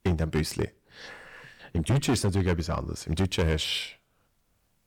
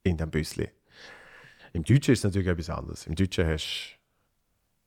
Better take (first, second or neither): second